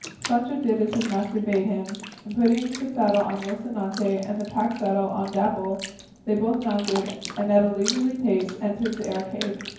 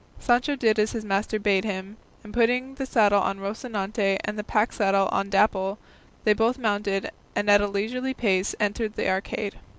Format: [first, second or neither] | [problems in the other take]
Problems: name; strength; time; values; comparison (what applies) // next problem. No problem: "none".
second | background sound (Bathtub (filling or washing)); 14 dB below the speech // room echo; dies away in 0.9 s